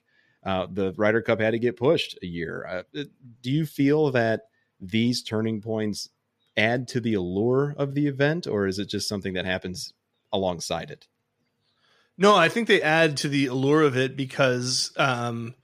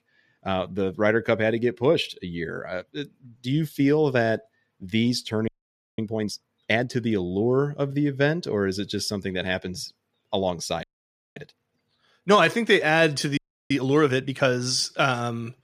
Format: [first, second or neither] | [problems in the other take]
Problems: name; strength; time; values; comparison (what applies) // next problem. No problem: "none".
first | audio freezing; at 5.5 s for 0.5 s, at 11 s for 0.5 s and at 13 s